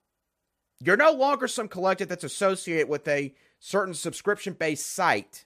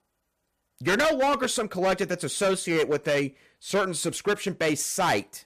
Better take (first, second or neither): first